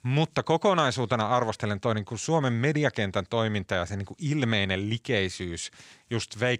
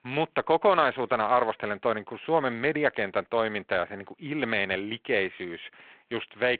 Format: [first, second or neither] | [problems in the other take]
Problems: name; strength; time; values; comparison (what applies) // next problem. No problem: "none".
first | phone-call audio; nothing above 3.5 kHz